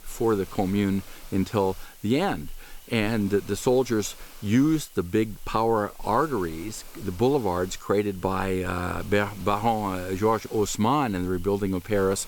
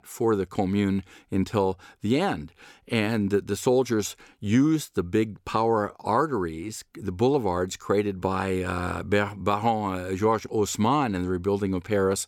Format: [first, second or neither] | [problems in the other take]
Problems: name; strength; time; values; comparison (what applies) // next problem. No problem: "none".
second | hiss; faint; throughout; 20 dB below the speech